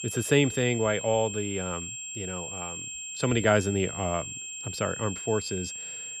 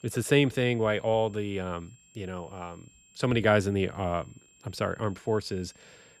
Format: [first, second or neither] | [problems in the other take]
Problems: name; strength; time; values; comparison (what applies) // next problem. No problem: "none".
second | high-pitched whine; loud; throughout; 7.5 kHz, 7 dB below the speech; faint in the second